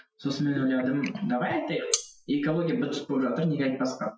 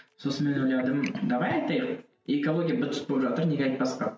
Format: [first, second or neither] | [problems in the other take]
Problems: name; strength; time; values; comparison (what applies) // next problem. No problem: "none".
second | noise reduction (classical method Wiener filter)